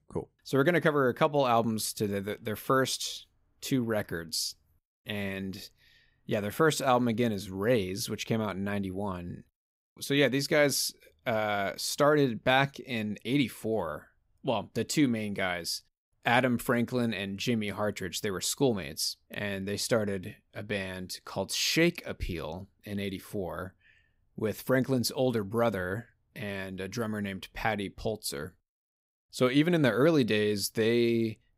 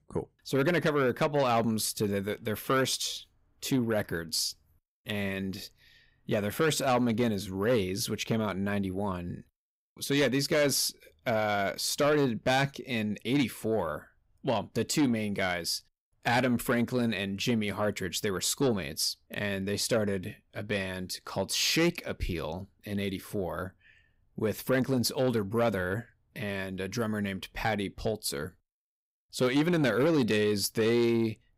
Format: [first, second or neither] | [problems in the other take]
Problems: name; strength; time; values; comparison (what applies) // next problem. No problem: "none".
first | distortion; slight; 10 dB below the speech